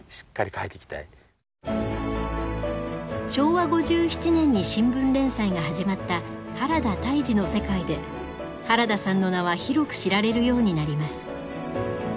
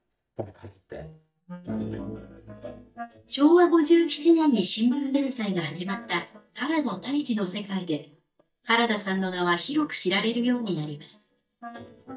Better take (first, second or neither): first